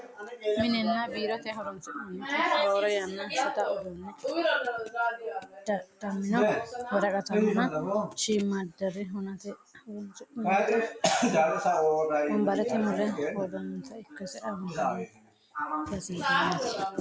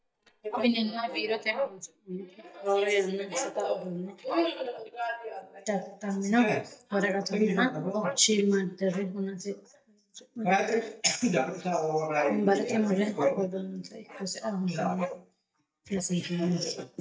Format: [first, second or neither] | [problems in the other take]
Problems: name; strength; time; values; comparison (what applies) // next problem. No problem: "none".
first | noise reduction (neural mask model DeepFilterNet 3)